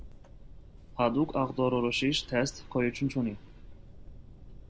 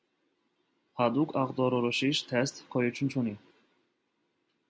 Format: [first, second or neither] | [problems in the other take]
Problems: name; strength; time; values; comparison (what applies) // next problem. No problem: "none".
second | background sound (Fire); 16 dB below the speech